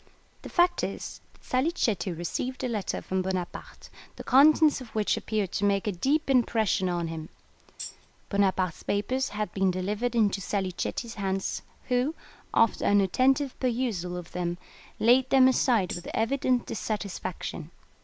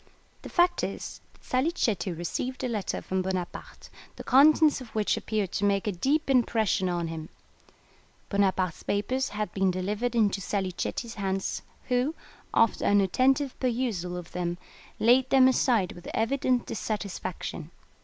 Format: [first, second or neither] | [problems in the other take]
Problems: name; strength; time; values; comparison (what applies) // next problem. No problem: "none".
second | background sound (Tambourine); 14 dB below the speech